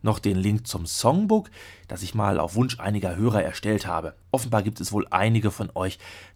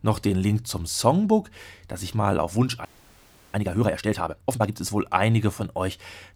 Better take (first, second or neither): first